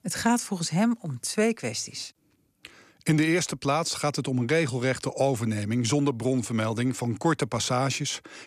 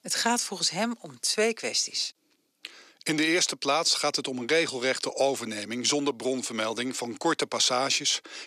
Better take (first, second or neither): first